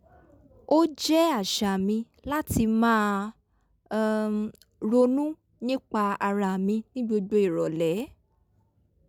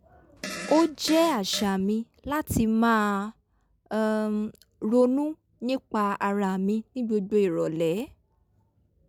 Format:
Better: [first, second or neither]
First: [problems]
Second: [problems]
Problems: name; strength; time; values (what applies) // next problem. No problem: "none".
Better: first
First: none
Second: background sound (Fart); 12 dB below the speech